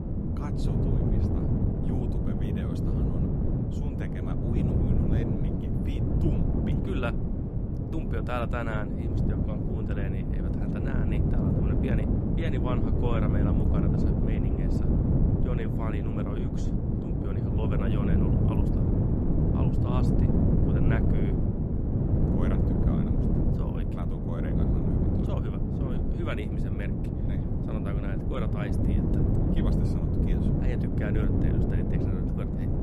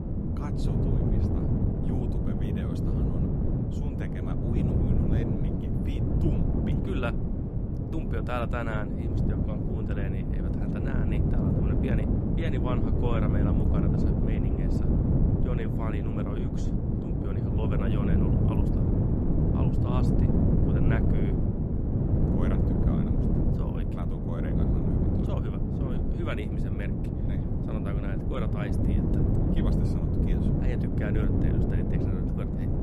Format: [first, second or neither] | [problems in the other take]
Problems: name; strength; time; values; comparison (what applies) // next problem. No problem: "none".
neither | wind noise on the microphone; heavy; 4 dB above the speech; the same in both